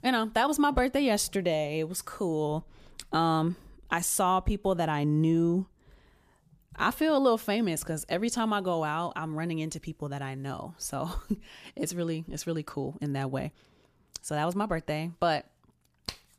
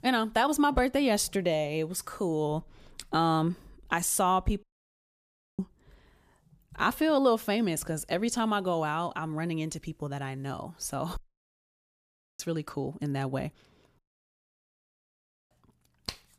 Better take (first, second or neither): first